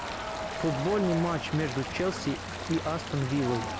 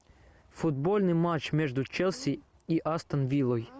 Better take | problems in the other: second | background sound (Crowd + Stream); 5 dB below the speech

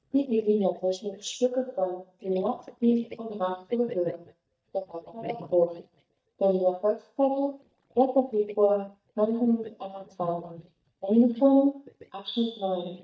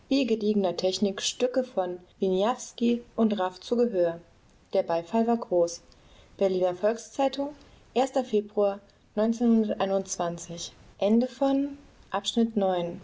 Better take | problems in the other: second | noise reduction (neural mask model DeepFilterNet 3)

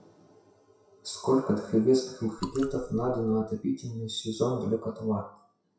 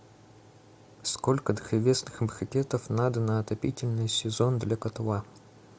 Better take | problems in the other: second | noise reduction (classical method WPE with log-MMSE)

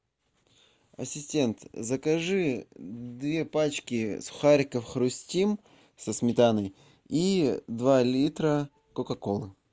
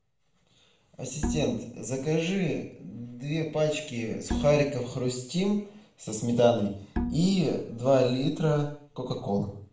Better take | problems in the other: first | background sound (Bowed string instrument); 8 dB below the speech // room echo; dies away in 0.5 s

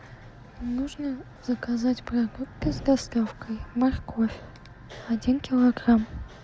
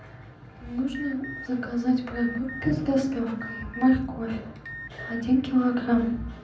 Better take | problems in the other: first | background sound (Alarm); 16 dB below the speech // room echo; dies away in 0.6 s

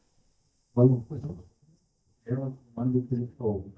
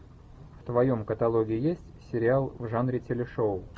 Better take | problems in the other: second | noise reduction (neural mask model DeepFilterNet 3)

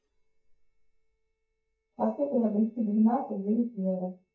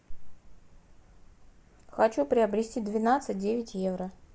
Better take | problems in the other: second | noise reduction (neural mask model DeepFilterNet 3)

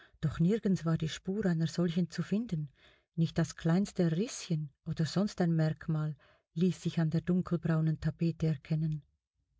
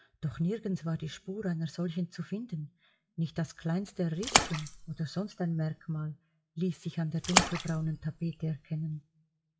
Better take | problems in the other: first | noise reduction (classical method WPE with log-MMSE)

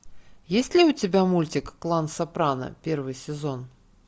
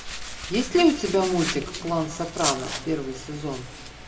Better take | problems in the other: first | background sound (Domestic sounds, home sounds); 9 dB below the speech // room echo; dies away in 1.6 s

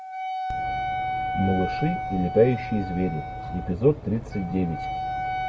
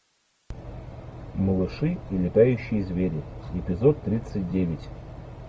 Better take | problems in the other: second | background sound (Wind instrument, woodwind instrument); 4 dB below the speech

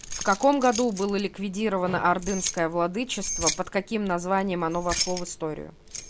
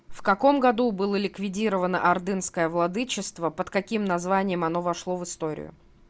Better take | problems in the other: second | background sound (Keys jangling); 9 dB below the speech

